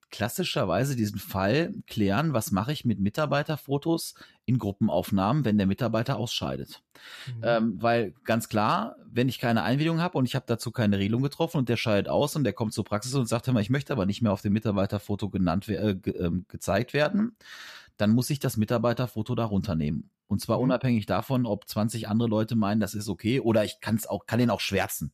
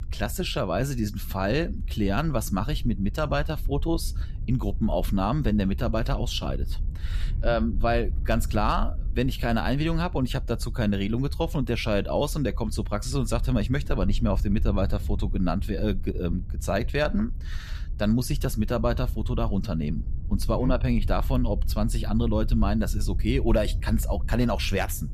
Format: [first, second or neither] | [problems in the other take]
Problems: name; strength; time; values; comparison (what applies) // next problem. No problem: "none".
first | low rumble; faint; throughout; 20 dB below the speech